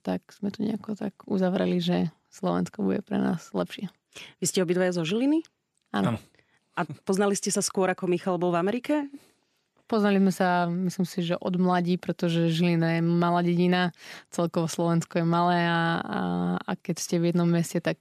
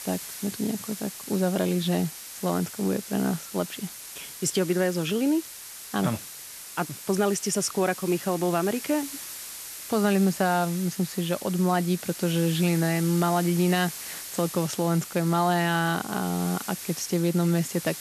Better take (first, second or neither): first